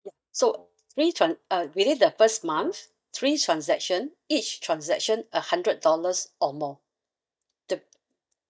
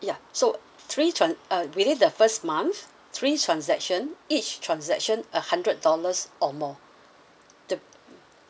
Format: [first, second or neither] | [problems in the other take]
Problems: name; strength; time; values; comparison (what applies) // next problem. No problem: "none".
second | noise reduction (neural mask model DeepFilterNet 3)